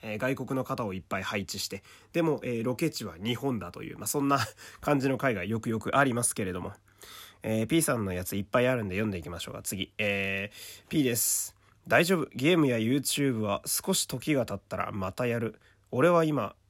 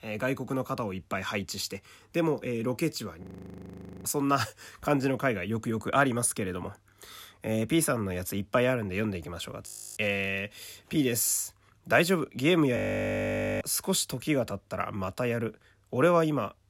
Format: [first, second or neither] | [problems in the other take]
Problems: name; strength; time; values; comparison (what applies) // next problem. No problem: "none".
first | audio freezing; at 3 s for 1 s, at 9.5 s and at 13 s for 1 s